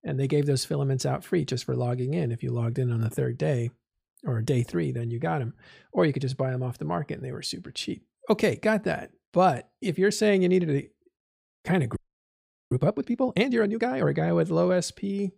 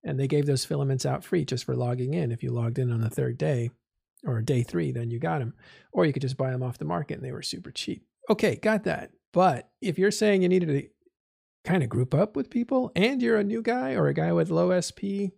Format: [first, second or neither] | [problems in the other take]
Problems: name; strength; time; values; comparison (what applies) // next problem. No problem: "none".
second | audio freezing; at 12 s for 1 s